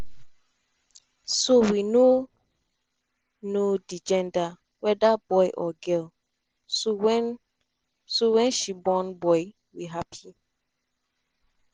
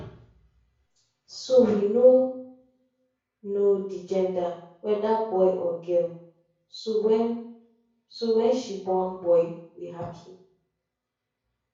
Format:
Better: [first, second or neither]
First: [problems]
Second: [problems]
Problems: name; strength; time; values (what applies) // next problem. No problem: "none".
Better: first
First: none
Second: room echo; dies away in 0.6 s